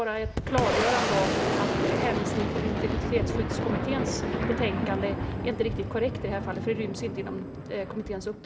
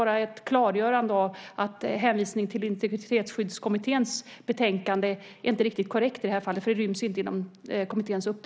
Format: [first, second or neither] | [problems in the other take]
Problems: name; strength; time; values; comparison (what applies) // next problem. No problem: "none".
second | background sound (Boom); 2 dB above the speech // room echo; dies away in 0.3 s